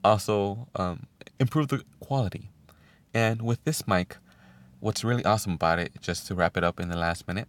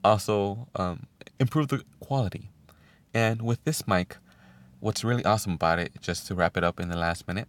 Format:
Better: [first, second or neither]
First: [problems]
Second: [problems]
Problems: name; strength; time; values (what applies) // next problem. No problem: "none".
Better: neither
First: none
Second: none